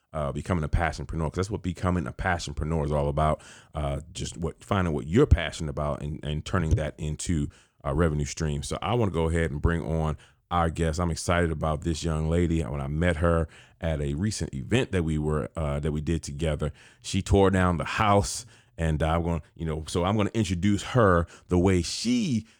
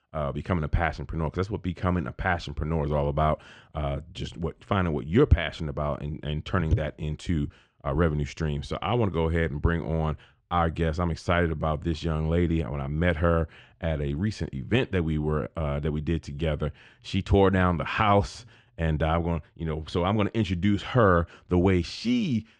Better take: first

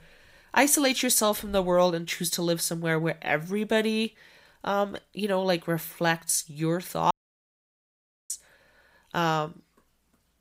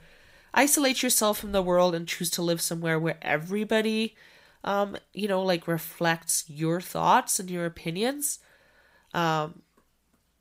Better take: second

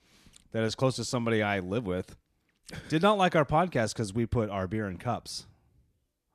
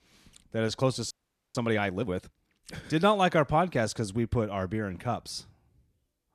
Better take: first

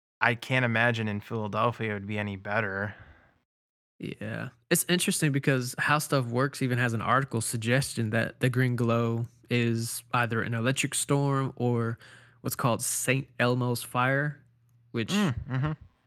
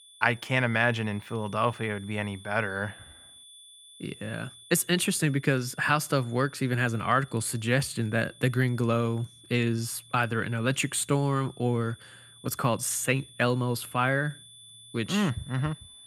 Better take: first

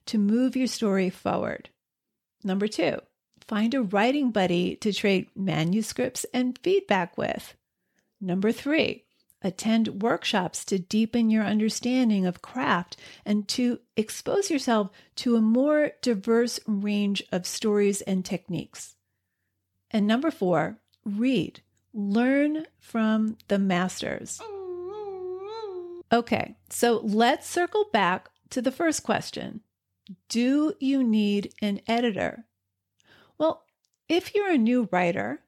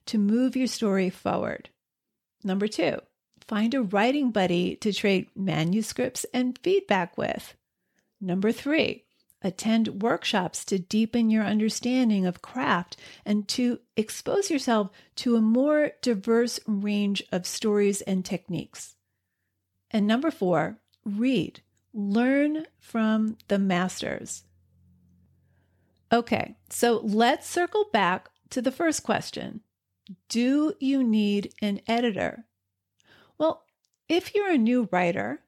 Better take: second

